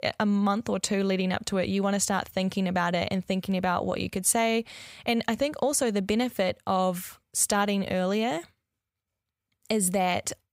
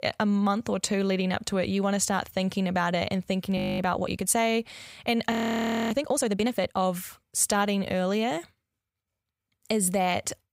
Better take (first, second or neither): first